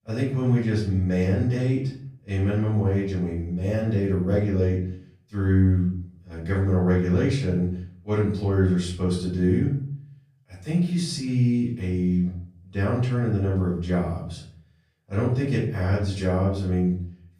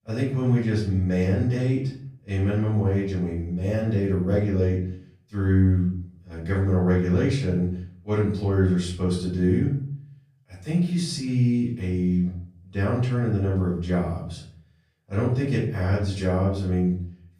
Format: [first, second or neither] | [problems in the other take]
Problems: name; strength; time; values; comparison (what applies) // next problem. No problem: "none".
neither | off-mic speech; far; the same in both // room echo; noticeable; dies away in 0.6 s; the same in both